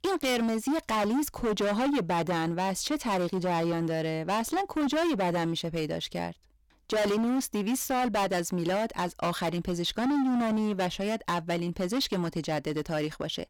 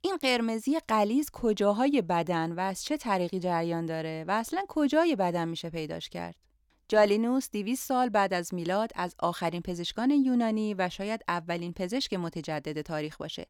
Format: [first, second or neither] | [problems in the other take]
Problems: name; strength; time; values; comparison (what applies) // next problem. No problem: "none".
second | distortion; heavy; 23% of the sound clipped